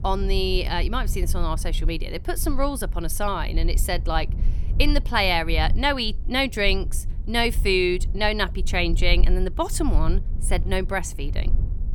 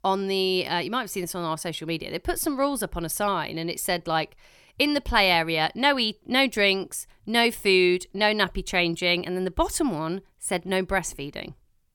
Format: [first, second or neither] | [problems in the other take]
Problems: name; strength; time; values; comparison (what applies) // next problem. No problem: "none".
second | low rumble; faint; throughout; 20 dB below the speech